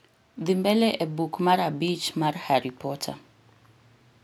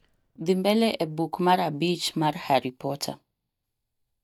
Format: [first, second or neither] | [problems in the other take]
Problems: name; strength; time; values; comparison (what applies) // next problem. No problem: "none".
first | noise reduction (neural mask model DeepFilterNet 3)